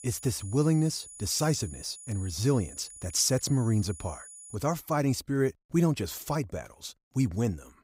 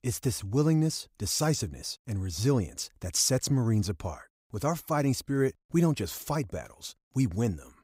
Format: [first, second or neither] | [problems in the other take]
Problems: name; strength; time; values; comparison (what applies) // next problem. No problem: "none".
second | high-pitched whine; noticeable; until 4.5 s; 10 kHz, 15 dB below the speech